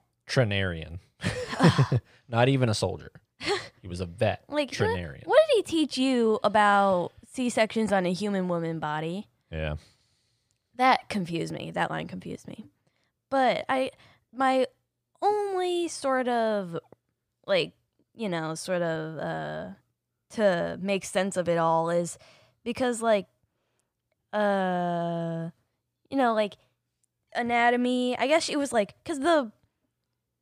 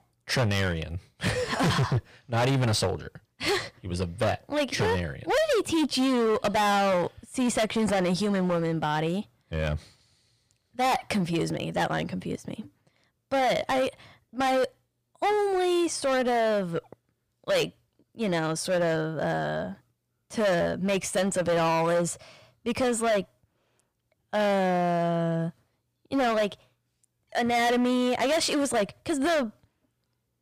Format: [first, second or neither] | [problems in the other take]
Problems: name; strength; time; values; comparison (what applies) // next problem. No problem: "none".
first | distortion; heavy; 15% of the sound clipped